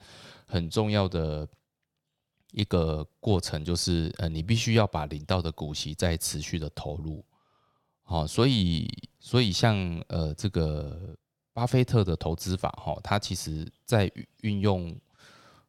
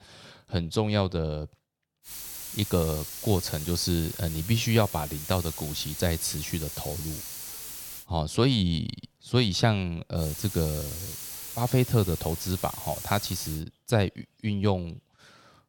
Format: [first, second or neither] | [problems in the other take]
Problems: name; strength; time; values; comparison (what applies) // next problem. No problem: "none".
first | hiss; loud; from 2 to 8 s and from 10 to 14 s; 8 dB below the speech